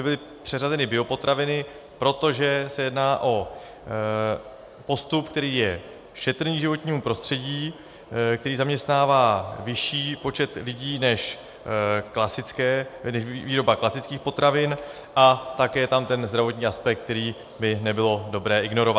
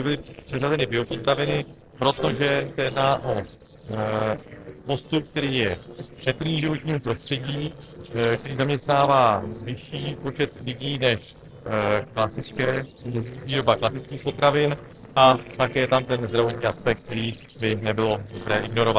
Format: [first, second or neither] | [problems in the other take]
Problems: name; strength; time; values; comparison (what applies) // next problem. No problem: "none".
first | noise reduction (neural separator model SepFormer DNS4)